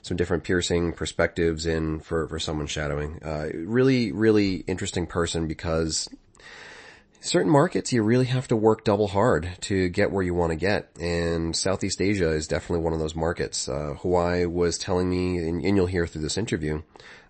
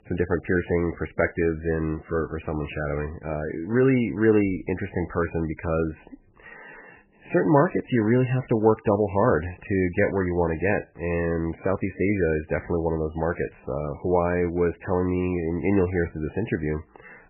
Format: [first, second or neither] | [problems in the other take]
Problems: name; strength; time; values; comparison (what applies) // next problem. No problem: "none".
first | garbled, watery; badly; nothing above 2.5 kHz; slightly in the first